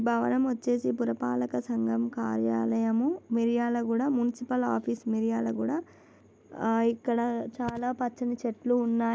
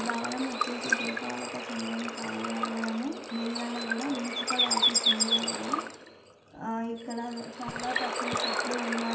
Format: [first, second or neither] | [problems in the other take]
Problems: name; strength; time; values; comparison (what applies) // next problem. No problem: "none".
first | background sound (Water / Bird); 3 dB above the speech // room echo; dies away in 0.9 s